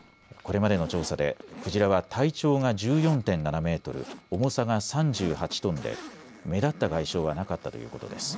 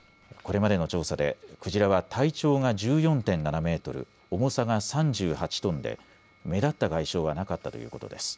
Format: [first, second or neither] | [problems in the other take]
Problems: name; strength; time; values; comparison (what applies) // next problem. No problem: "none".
second | background sound (Zipper (clothing)); 18 dB below the speech